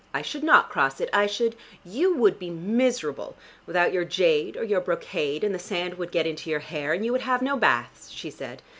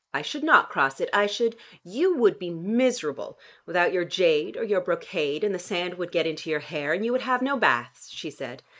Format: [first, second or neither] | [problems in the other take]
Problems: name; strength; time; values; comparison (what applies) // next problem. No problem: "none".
first | noise reduction (neural mask model Resemble Enhance denoiser)